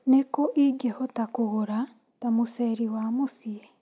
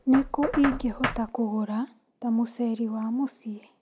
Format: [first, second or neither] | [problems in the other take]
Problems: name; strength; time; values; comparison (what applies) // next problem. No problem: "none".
first | background sound (Knock); 11 dB below the speech